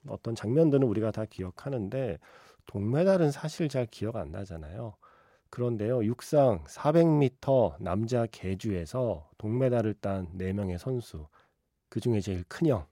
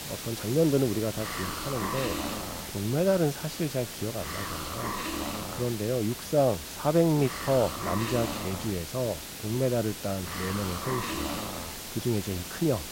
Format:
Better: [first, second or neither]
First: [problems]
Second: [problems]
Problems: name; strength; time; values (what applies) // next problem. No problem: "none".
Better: first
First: none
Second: hiss; loud; throughout; 5 dB below the speech